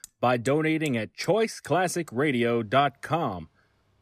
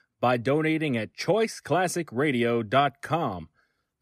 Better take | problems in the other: second | machinery noise; faint; throughout; 25 dB below the speech

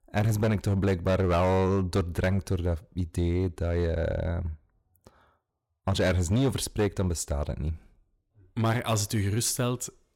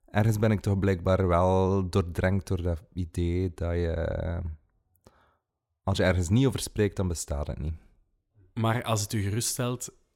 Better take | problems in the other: second | distortion; slight; 7% of the sound clipped

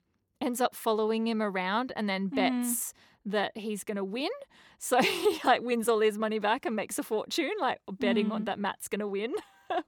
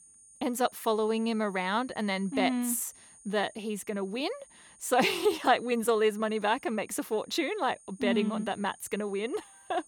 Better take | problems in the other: first | high-pitched whine; faint; throughout; 9 kHz, 25 dB below the speech

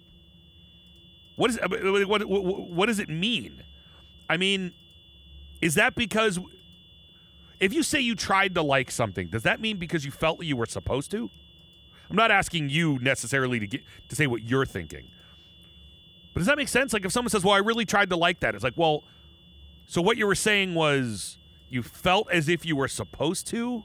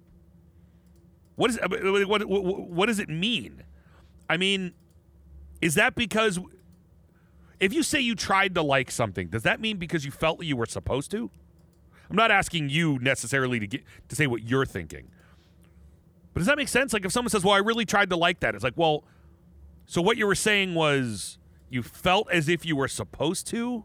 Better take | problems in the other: second | high-pitched whine; faint; throughout; 3.5 kHz, 30 dB below the speech

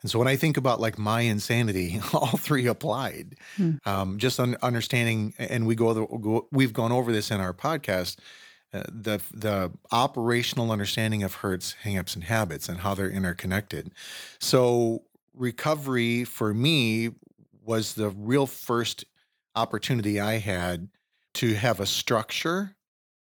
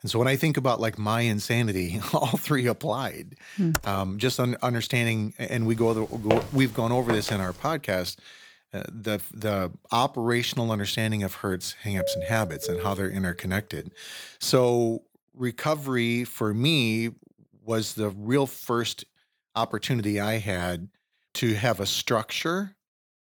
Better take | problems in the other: first | keyboard typing; very faint; at 3.5 s; peak 5 dB below the speech // footsteps; noticeable; from 6.5 to 7.5 s; peak 2 dB below the speech // doorbell; noticeable; from 12 to 13 s; peak 4 dB below the speech

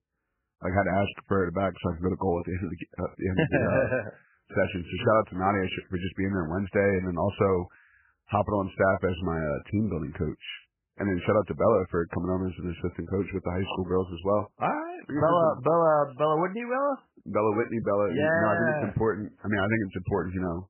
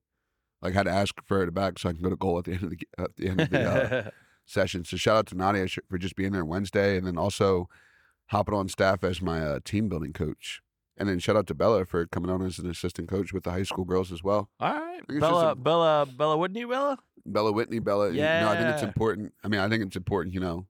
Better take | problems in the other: second | garbled, watery; badly; nothing above 3 kHz

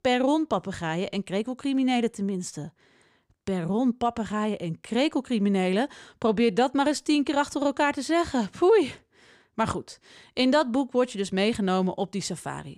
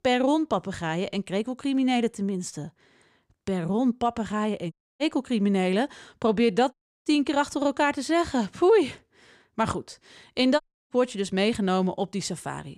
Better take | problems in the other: first | audio cutting out; at 4.5 s, at 6.5 s and at 11 s

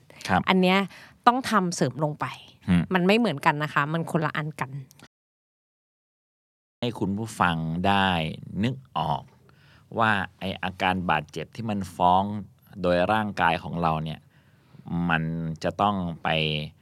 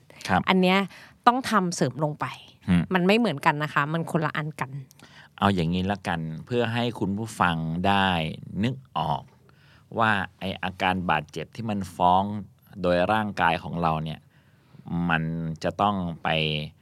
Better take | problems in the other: second | audio cutting out; at 5 s for 2 s

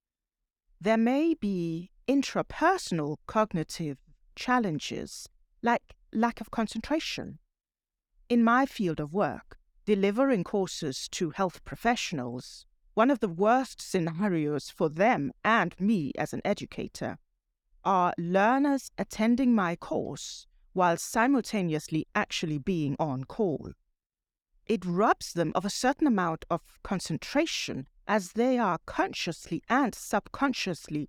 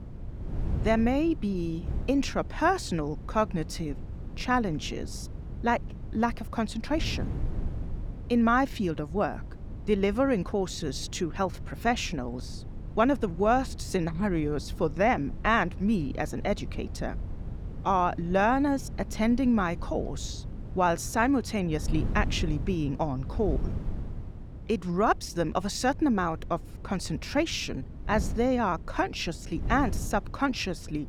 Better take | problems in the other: first | wind noise on the microphone; occasional gusts; 20 dB below the speech

